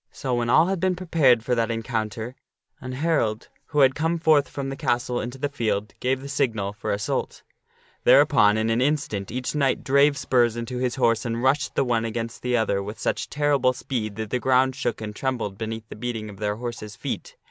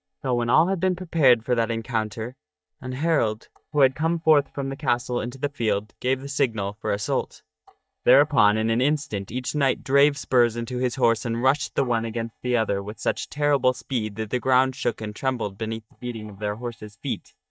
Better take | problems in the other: first | noise reduction (neural mask model DeepFilterNet 3)

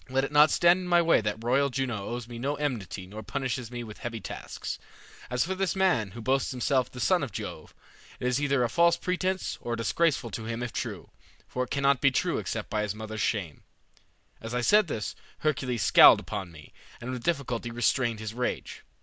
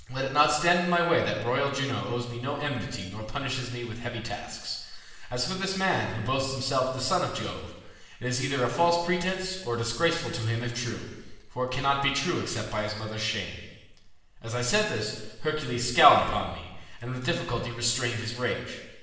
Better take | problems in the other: first | room echo; dies away in 1.1 s

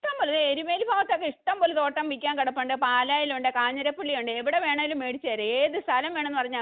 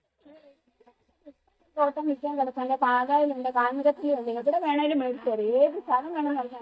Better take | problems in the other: first | noise reduction (neural mask model DeepFilterNet 3)

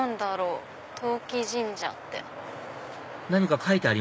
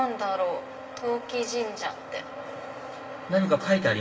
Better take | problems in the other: first | background sound (Wind instrument, woodwind instrument); 18 dB below the speech // room echo; dies away in 1.5 s

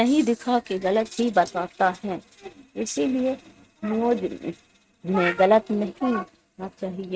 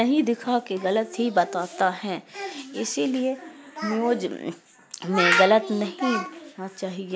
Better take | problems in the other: second | noise reduction (neural mask model RNNoise)

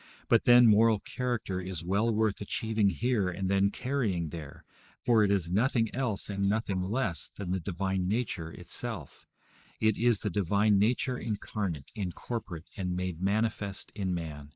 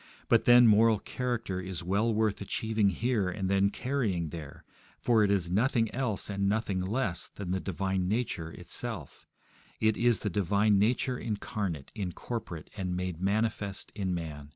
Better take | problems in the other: second | noise reduction (neural mask model Resemble Enhance denoiser)

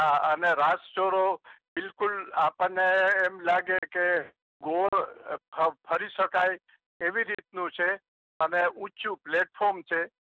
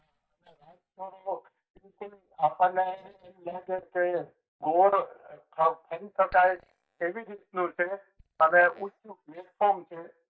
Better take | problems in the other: first | noise reduction (neural mask model DeepFilterNet 3)

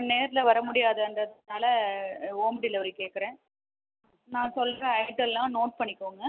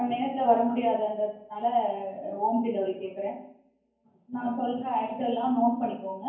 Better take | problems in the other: first | room echo; dies away in 0.9 s

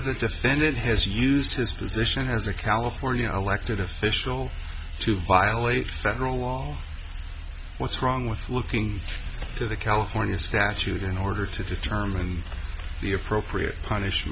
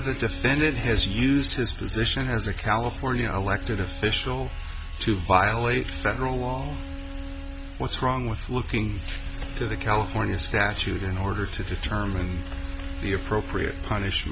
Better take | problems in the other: first | background sound (Bowed string instrument); 17 dB below the speech

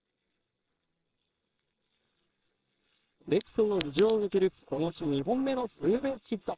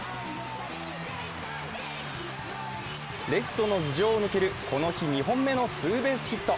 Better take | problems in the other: second | noise reduction (neural separator model SepFormer WHAMR!)

